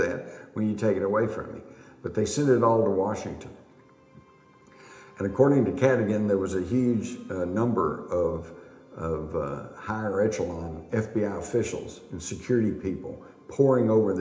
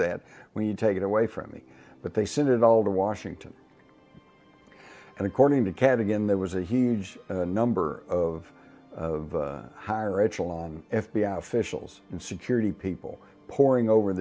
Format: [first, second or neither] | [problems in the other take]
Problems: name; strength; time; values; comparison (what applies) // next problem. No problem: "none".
second | room echo; dies away in 0.8 s